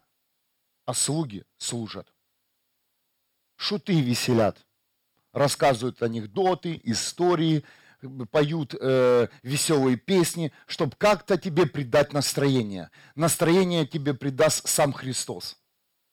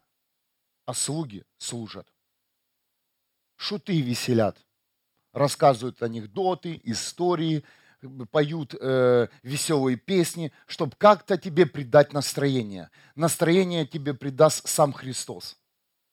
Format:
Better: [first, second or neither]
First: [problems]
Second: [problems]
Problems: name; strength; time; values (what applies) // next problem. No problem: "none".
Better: second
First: distortion; heavy; 4% of the sound clipped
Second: none